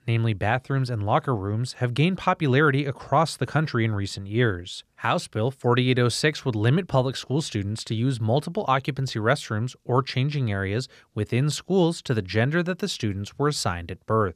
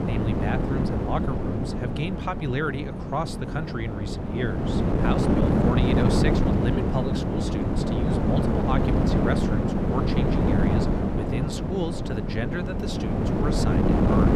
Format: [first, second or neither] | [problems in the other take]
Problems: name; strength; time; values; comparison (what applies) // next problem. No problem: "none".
first | wind noise on the microphone; heavy; 3 dB above the speech